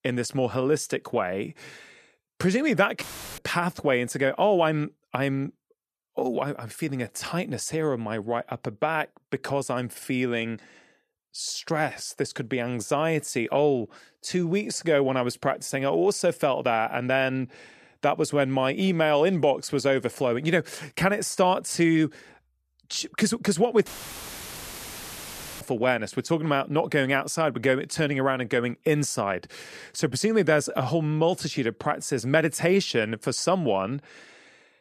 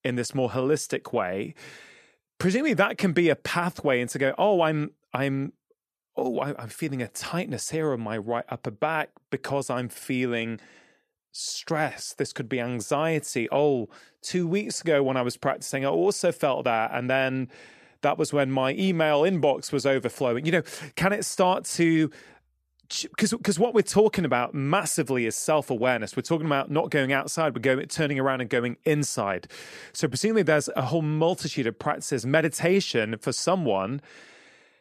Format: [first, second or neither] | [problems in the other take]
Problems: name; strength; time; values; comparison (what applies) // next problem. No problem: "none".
second | audio cutting out; filled with static; at 3 s and at 24 s for 2 s